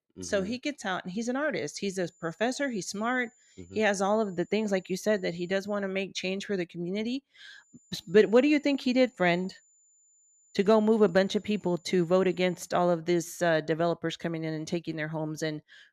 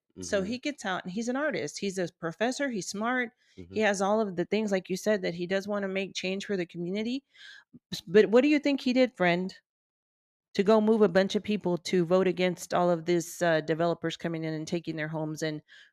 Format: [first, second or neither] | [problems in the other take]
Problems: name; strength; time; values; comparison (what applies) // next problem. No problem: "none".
second | high-pitched whine; faint; from 2 to 5.5 s and from 7.5 to 13 s; 7 kHz, 35 dB below the speech